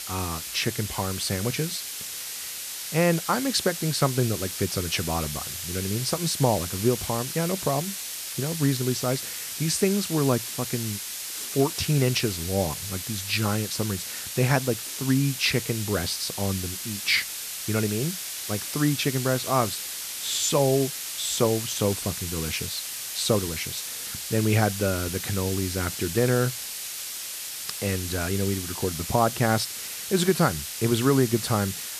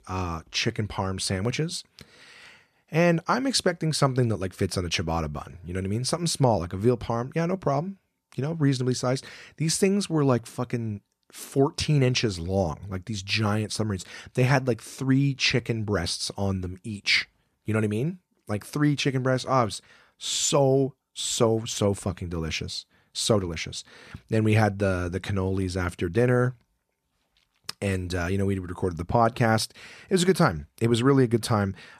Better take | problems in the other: second | hiss; loud; throughout; 5 dB below the speech

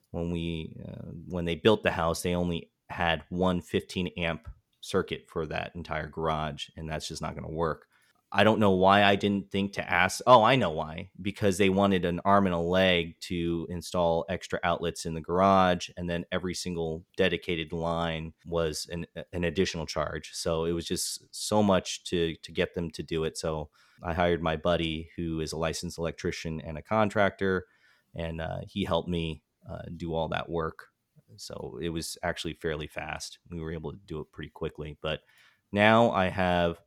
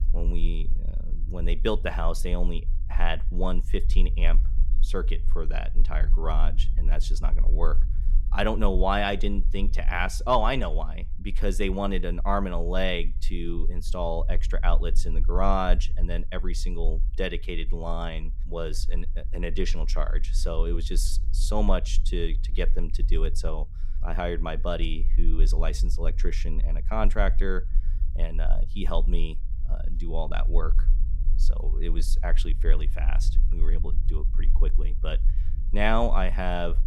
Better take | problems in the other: first | low rumble; faint; throughout; 20 dB below the speech

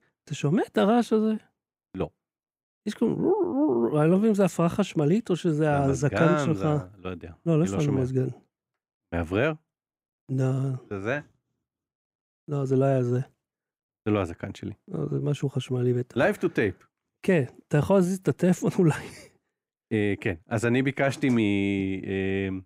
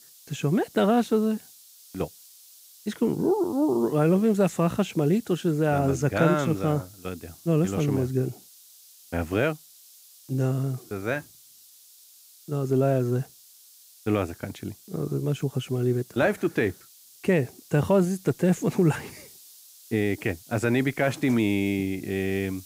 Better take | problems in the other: first | hiss; faint; throughout; 25 dB below the speech

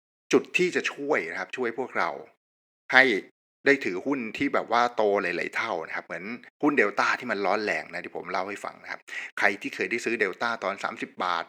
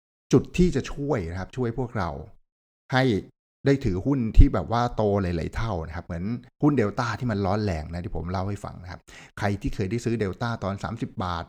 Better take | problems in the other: second | thin; somewhat; fading below 300 Hz

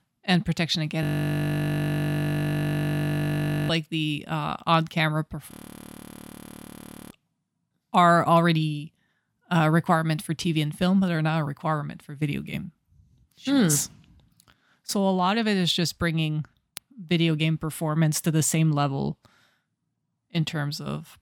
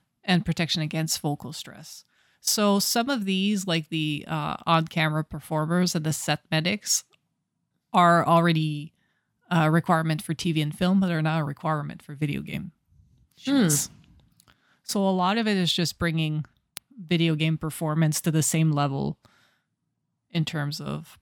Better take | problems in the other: second | audio freezing; at 1 s for 2.5 s and at 5.5 s for 1.5 s

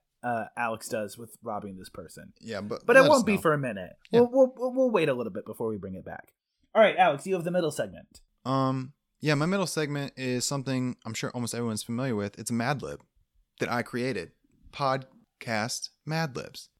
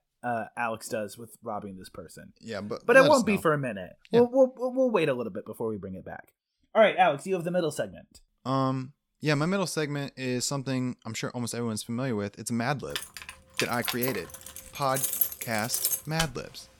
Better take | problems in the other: first | jangling keys; loud; from 13 to 16 s; peak 2 dB above the speech

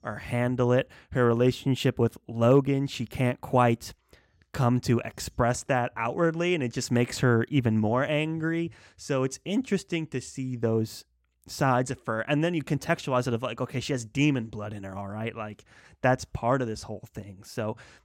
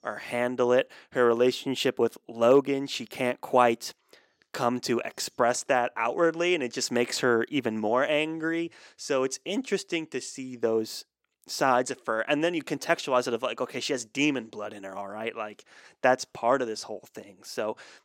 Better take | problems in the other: first | thin; somewhat; fading below 400 Hz

